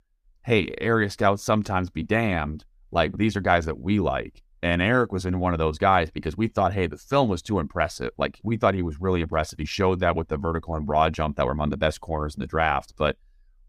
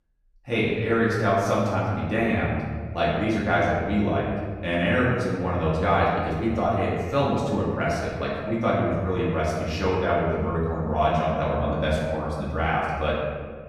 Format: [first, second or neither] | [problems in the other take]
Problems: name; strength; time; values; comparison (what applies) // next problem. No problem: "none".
first | room echo; noticeable; dies away in 1.6 s // off-mic speech; far